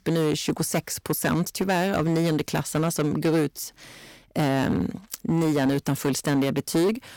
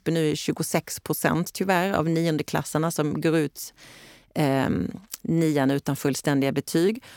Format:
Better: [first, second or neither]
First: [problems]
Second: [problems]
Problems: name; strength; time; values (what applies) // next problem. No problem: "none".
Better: second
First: distortion; slight; 10% of the sound clipped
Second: none